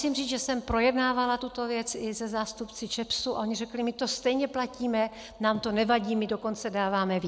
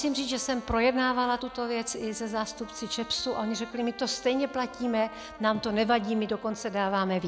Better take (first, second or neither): first